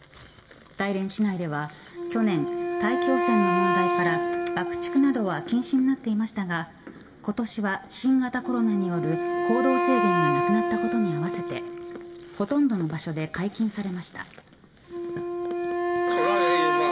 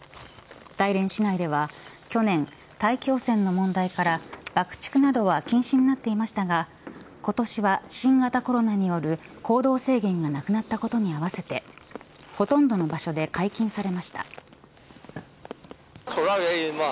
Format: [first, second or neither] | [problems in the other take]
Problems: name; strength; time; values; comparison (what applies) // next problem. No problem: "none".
second | background sound (Wind instrument, woodwind instrument); 1 dB below the speech // room echo; dies away in 1.1 s